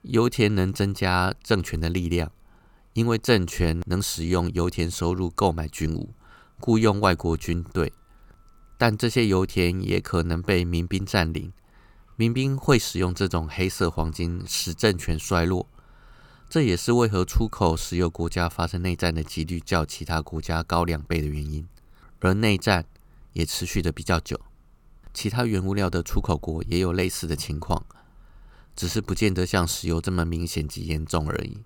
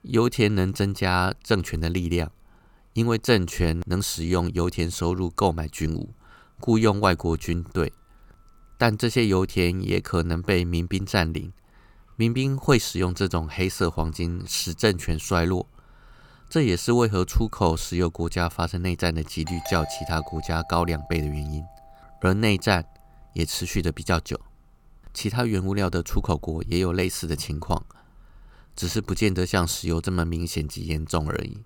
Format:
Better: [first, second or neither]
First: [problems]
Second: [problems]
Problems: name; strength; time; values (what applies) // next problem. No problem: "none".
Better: first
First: none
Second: doorbell; noticeable; from 19 to 22 s; peak 9 dB below the speech